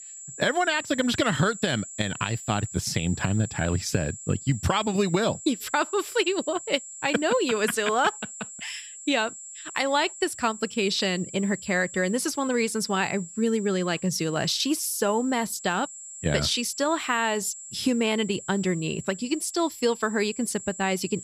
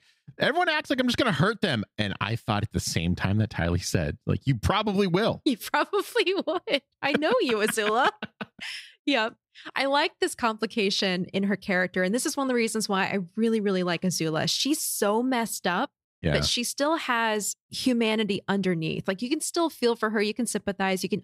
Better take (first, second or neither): second